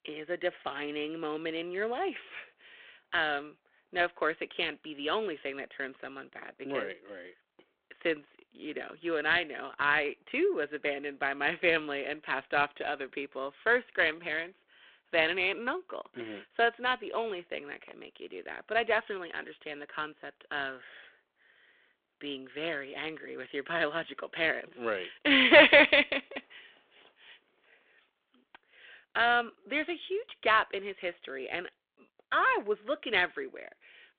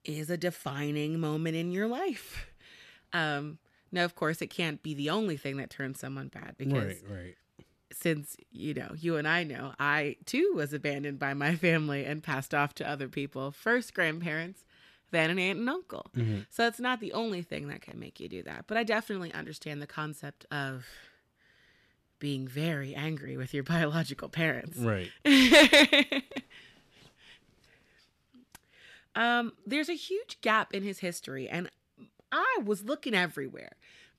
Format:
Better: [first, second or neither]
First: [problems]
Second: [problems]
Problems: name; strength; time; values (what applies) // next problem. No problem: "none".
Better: second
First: phone-call audio; nothing above 3.5 kHz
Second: none